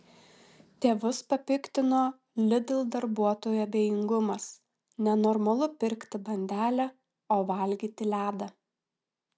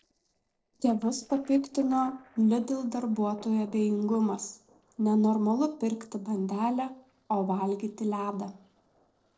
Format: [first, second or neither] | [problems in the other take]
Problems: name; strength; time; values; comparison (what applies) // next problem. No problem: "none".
first | noise reduction (neural separator model SepFormer DNS4)